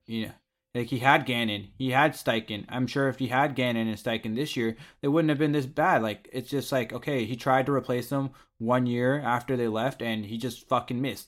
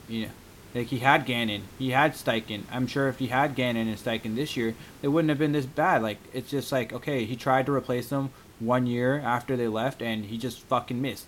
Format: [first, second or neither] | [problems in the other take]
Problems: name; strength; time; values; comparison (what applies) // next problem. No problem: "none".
first | hiss; faint; throughout; 20 dB below the speech